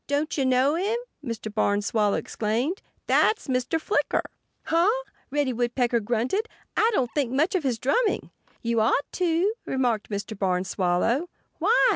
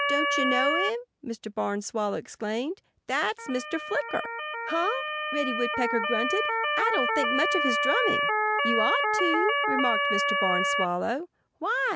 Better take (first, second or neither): first